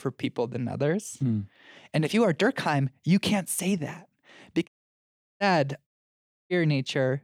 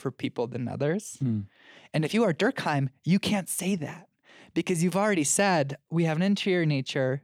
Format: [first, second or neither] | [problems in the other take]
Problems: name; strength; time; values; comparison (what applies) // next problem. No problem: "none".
second | audio cutting out; at 4.5 s for 0.5 s and at 6 s for 0.5 s